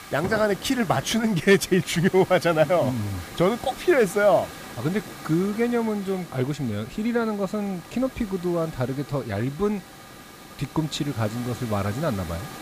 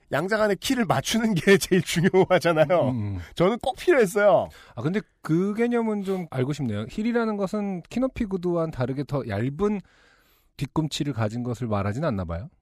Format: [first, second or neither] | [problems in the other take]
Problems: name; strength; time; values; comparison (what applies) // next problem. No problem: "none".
second | hiss; noticeable; throughout; 15 dB below the speech